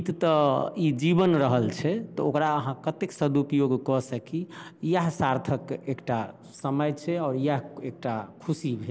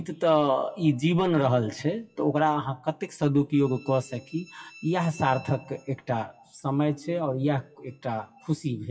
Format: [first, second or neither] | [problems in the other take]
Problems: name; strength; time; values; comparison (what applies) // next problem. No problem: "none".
first | noise reduction (classical method WPE with log-MMSE)